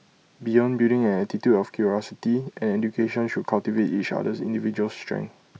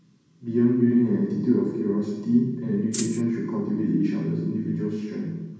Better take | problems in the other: first | background sound (Rattle (instrument)); 9 dB below the speech // room echo; dies away in 1.2 s

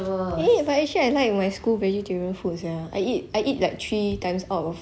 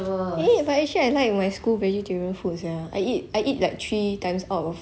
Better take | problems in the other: second | background sound (Bass drum); 17 dB below the speech

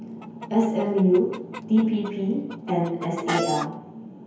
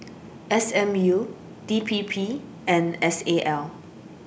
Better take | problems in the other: second | background sound (Chicken, rooster); 11 dB below the speech // room echo; dies away in 0.9 s

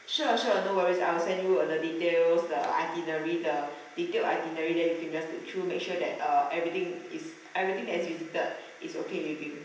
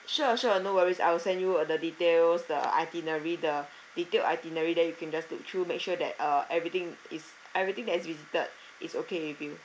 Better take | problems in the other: second | room echo; dies away in 0.9 s

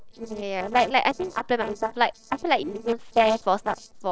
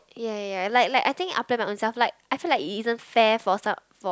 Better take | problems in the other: second | noise reduction (neural separator model SepFormer DNS4)

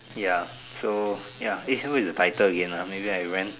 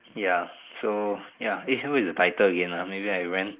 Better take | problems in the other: first | noise reduction (neural mask model Resemble Enhance denoiser)

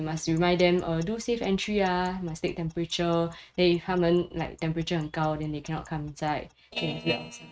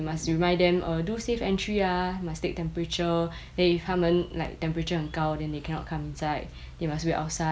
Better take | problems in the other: second | noise reduction (neural mask model RNNoise)

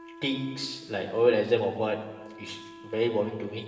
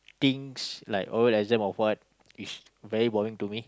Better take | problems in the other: second | background sound (Wind instrument, woodwind instrument); 18 dB below the speech // room echo; dies away in 1.2 s

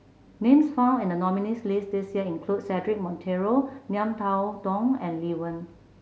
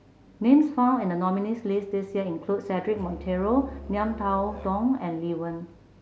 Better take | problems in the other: first | background sound (Musical instrument); 15 dB below the speech

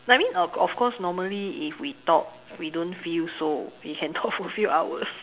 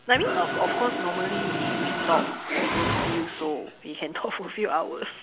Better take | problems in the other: first | background sound (Mechanisms); 1 dB below the speech

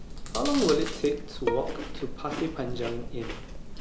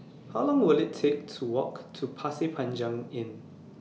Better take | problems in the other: second | background sound (Bowed string instrument + Chewing, mastication); 3 dB below the speech

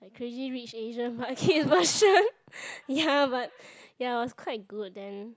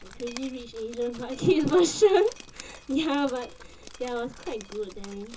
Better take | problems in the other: first | background sound (Drip); 17 dB below the speech // room echo; dies away in 0.2 s

